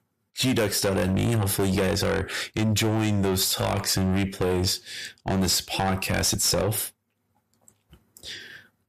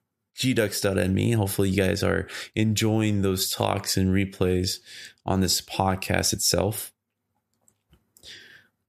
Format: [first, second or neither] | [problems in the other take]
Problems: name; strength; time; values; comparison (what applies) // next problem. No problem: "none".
second | distortion; heavy; 6 dB below the speech